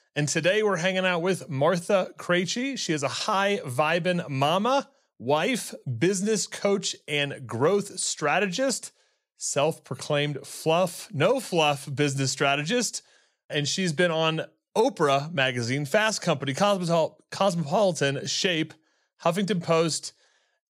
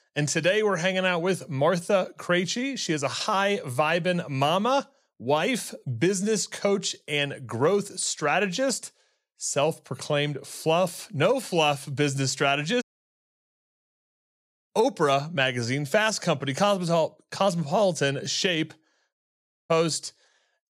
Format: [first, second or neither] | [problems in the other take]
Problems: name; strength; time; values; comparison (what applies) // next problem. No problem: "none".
first | audio cutting out; at 13 s for 2 s and at 19 s for 0.5 s